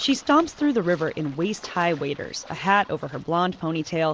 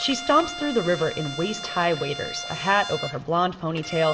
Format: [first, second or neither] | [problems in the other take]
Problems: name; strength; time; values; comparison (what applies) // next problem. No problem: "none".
first | background sound (Bowed string instrument); 11 dB below the speech // room echo; dies away in 1 s